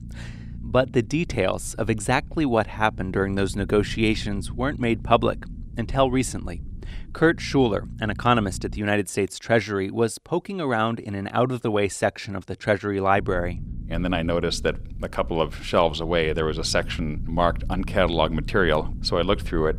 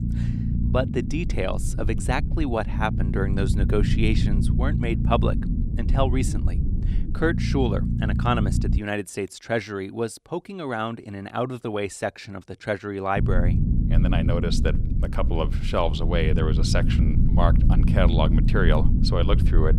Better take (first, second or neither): first